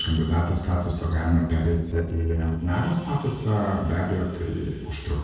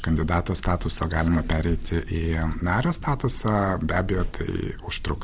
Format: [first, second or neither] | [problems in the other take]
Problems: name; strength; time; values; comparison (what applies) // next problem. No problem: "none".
second | noise reduction (neural separator model SepFormer DNS4)